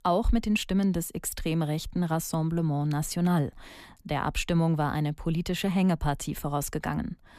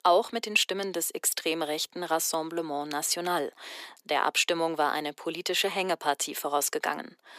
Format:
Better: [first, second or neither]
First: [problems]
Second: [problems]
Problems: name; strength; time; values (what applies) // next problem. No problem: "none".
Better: first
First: none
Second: thin; very; fading below 400 Hz